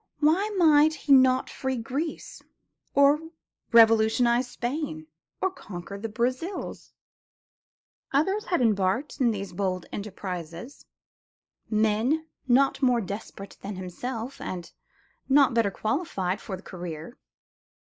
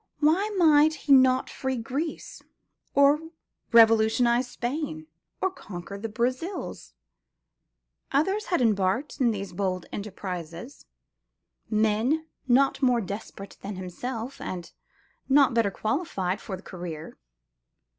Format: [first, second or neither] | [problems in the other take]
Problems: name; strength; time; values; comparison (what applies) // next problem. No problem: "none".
second | noise reduction (neural mask model Resemble Enhance denoiser)